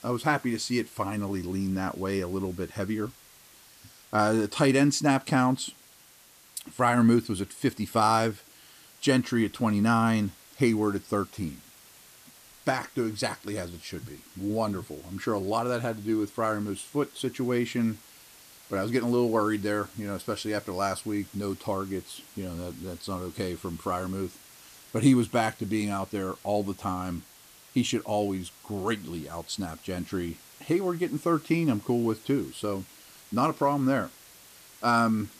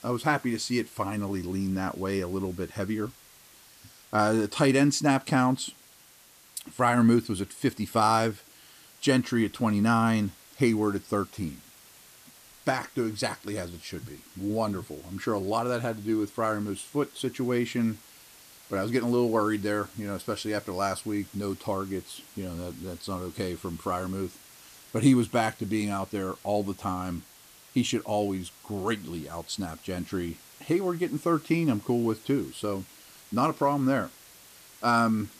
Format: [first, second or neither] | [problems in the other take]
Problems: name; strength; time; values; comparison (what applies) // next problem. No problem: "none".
neither | hiss; faint; throughout; 20 dB below the speech; the same in both